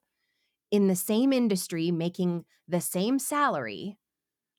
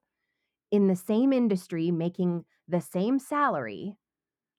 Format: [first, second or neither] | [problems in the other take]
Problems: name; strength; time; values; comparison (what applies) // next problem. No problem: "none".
first | muffled; slightly; fading above 3 kHz